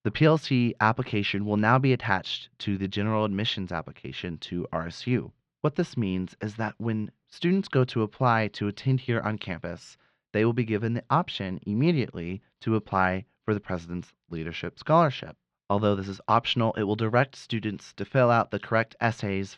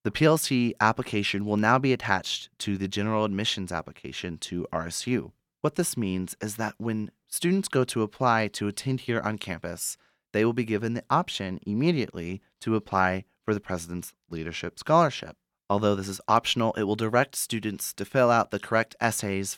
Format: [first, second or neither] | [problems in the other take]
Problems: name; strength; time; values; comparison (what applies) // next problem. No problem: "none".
second | muffled; very slightly; fading above 4.5 kHz